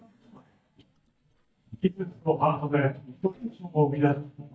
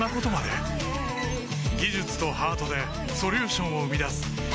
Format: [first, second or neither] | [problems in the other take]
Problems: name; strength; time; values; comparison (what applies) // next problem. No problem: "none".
second | noise reduction (neural mask model DeepFilterNet 3)